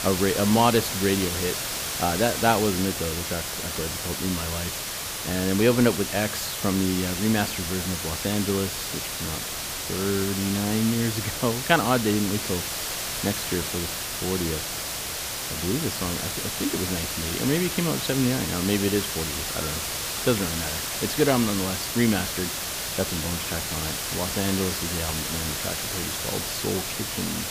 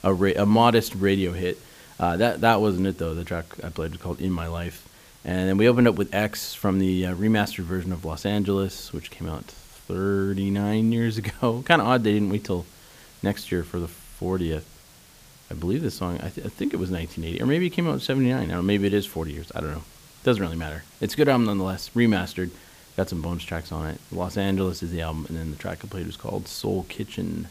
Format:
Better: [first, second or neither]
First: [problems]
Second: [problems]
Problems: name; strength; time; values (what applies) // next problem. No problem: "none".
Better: second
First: hiss; loud; throughout; 1 dB below the speech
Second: hiss; faint; throughout; 25 dB below the speech